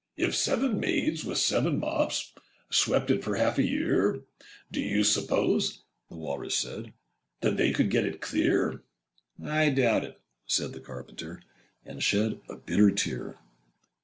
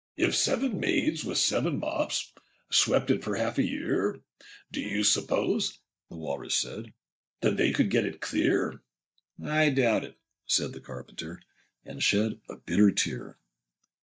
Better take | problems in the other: first | noise reduction (neural mask model DeepFilterNet 3)

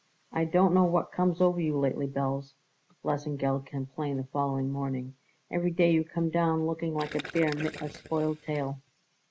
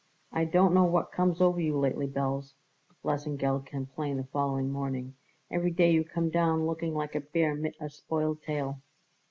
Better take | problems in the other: second | background sound (Gurgling); 15 dB below the speech

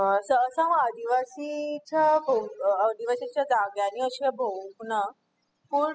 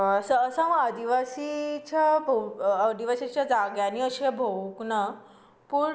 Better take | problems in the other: second | noise reduction (classical method spectral subtraction)

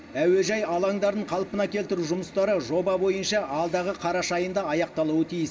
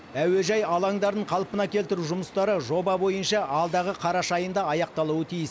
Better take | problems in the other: second | room echo; dies away in 2 s

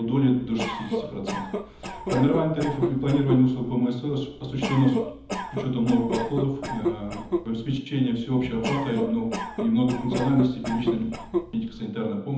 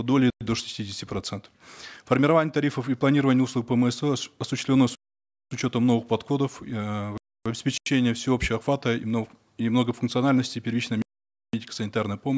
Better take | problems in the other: second | background sound (Cough); 6 dB below the speech // room echo; dies away in 1.3 s

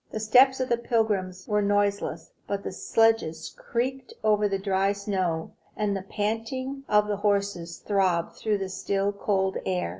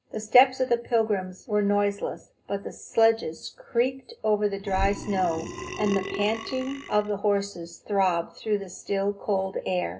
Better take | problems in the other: first | background sound (Burping, eructation); 8 dB below the speech // room echo; dies away in 0.2 s

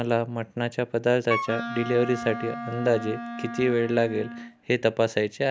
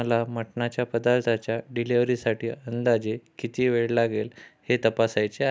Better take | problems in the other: second | background sound (Wind instrument, woodwind instrument); 8 dB below the speech

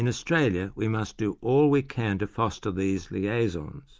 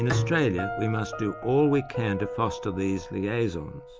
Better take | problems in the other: first | background sound (Bowed string instrument + Piano); 7 dB below the speech

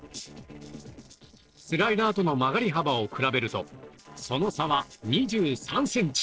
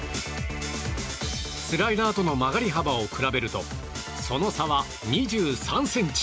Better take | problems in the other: second | noise reduction (neural separator model SepFormer DNS4)

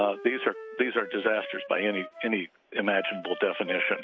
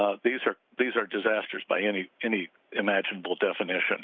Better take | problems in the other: second | background sound (Wind instrument, woodwind instrument); 12 dB below the speech

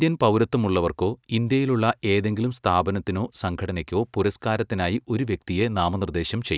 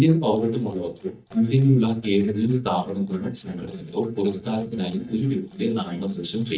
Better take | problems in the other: first | noise reduction (neural mask model DeepFilterNet 3)

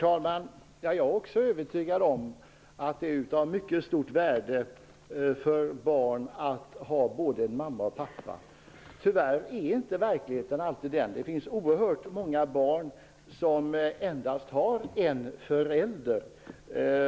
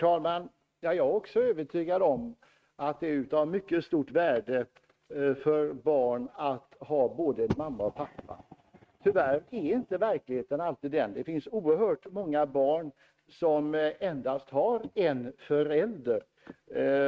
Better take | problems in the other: first | noise reduction (neural mask model RNNoise)

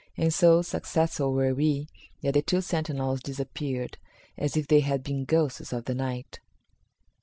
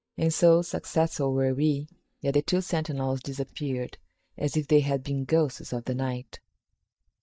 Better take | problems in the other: first | noise reduction (neural mask model DeepFilterNet 3)

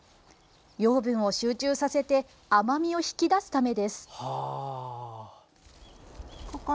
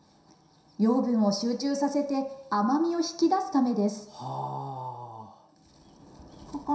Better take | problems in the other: first | room echo; dies away in 0.7 s

